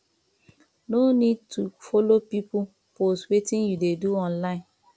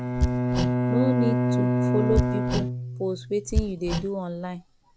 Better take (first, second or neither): first